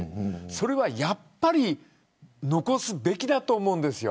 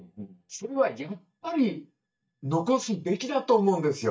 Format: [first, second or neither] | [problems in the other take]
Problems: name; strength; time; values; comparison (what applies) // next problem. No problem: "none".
first | noise reduction (neural mask model DeepFilterNet 3)